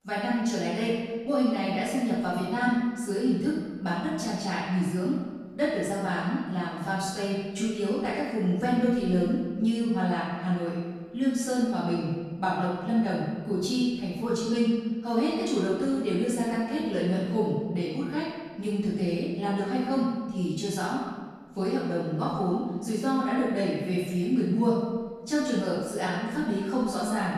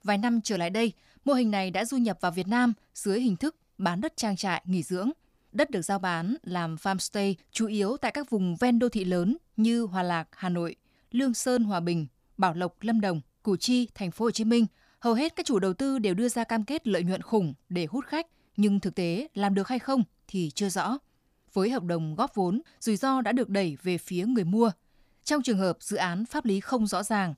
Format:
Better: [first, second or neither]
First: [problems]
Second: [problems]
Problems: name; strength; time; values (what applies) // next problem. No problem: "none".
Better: second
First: off-mic speech; far // room echo; strong; dies away in 1.3 s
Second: none